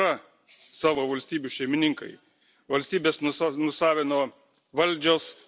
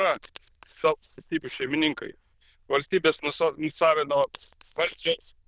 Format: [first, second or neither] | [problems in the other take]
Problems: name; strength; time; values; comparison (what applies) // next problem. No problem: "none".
first | noise reduction (neural diffusion model UNIVERSE++)